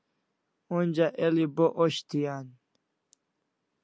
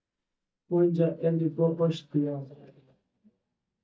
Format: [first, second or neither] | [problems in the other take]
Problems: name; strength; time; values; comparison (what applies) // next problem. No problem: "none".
first | noise reduction (neural mask model DeepFilterNet 3)